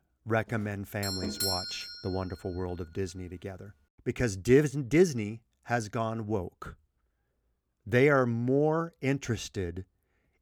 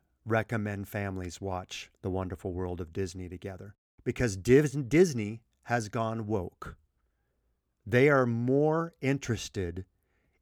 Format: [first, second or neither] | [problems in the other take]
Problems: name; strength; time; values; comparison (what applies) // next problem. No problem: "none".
second | doorbell; noticeable; until 2 s; peak level with the speech